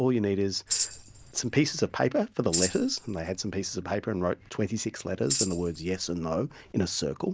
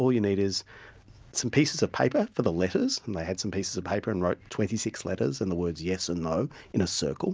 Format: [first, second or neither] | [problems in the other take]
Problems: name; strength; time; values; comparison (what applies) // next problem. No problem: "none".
second | background sound (Tambourine); 7 dB below the speech